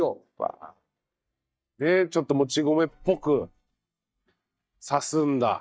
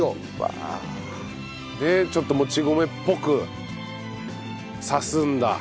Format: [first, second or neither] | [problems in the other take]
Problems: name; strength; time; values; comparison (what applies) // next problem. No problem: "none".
second | noise reduction (neural mask model DeepFilterNet 3)